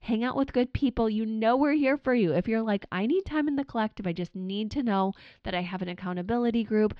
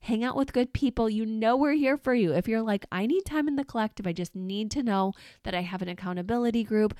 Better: second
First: muffled; very slightly; fading above 4.5 kHz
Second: none

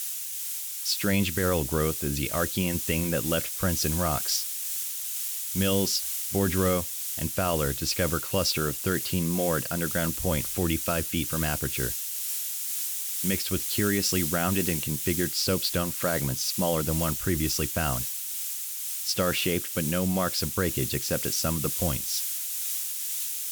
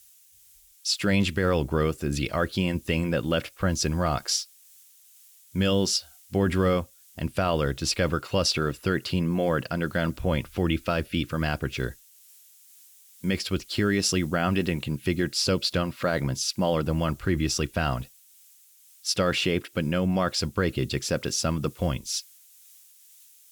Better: second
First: hiss; loud; throughout; 1 dB below the speech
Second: hiss; faint; throughout; 25 dB below the speech

